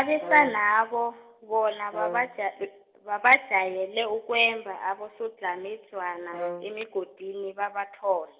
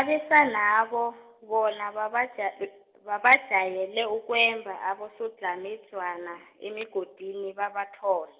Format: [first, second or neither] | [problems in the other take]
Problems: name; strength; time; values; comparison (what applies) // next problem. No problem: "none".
second | background sound (Brass instrument); 11 dB below the speech